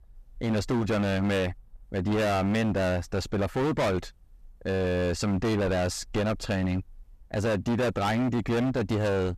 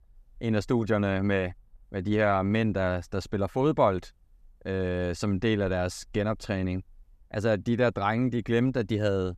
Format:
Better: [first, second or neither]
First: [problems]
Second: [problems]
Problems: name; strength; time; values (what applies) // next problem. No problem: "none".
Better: second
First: distortion; heavy; 25% of the sound clipped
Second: none